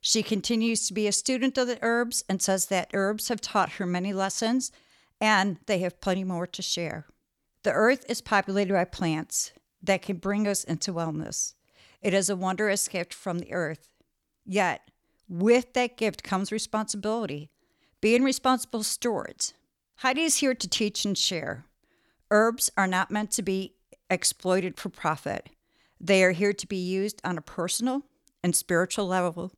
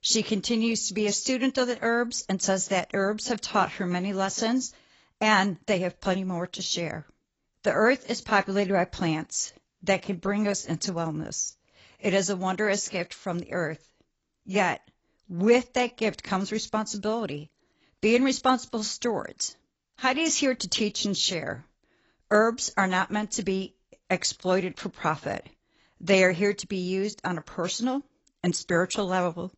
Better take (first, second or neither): first